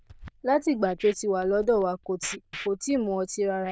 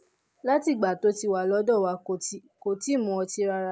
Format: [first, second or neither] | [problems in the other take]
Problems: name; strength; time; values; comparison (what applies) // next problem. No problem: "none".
second | noise reduction (neural diffusion model UNIVERSE++)